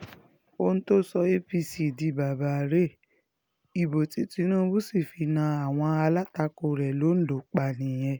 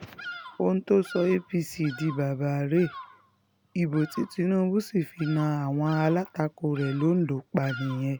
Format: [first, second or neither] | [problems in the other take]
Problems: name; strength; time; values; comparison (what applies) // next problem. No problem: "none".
first | background sound (Bird vocalization, bird call, bird song); 18 dB below the speech